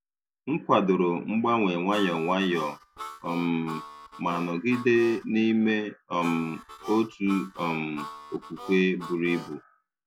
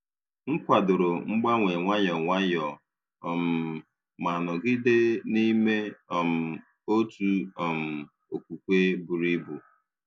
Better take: second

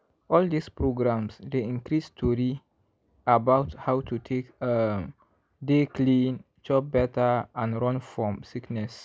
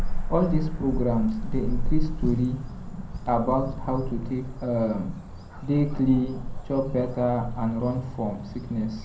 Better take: first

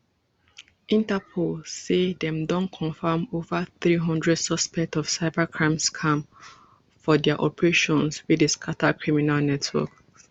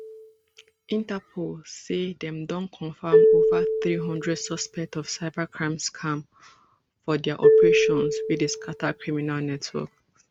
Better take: first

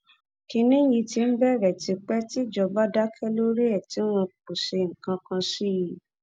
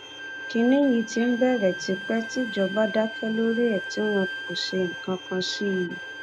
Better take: first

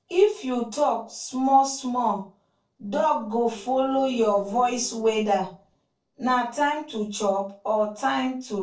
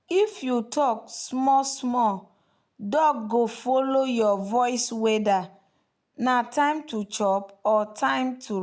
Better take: second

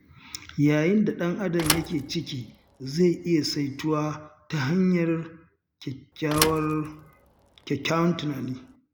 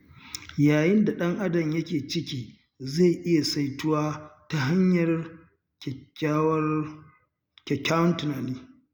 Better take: second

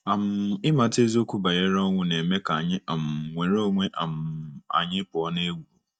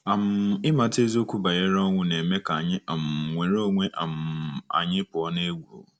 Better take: second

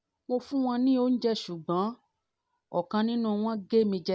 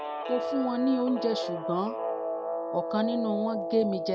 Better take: first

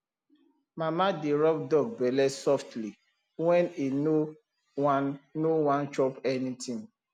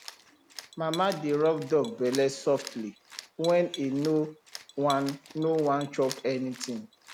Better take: first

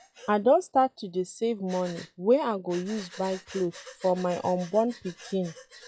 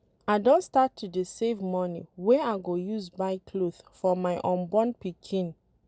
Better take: second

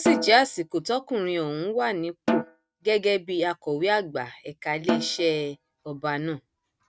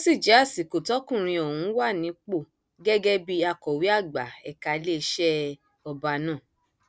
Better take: second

